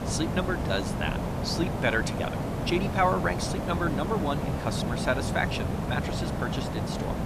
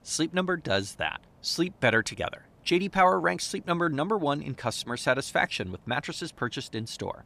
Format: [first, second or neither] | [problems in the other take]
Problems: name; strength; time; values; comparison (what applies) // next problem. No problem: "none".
second | hiss; loud; throughout; as loud as the speech; faint in the second